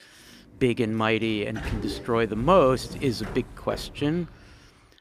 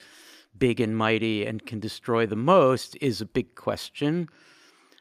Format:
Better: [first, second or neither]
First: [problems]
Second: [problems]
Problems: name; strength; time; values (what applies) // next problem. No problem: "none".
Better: second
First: door banging; noticeable; from 0.5 to 4.5 s; peak 8 dB below the speech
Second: none